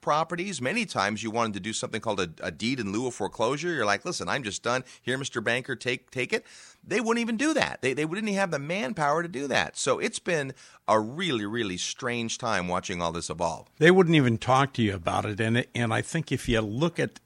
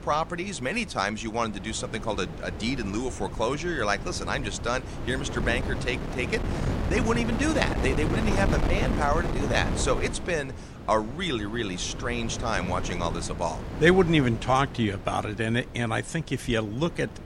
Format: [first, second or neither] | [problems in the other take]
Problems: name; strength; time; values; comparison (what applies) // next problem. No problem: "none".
first | wind noise on the microphone; heavy; 9 dB below the speech